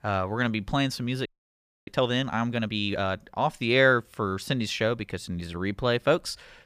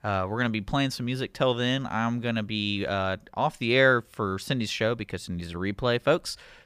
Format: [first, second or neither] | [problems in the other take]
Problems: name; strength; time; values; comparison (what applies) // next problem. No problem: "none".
second | audio freezing; at 1.5 s for 0.5 s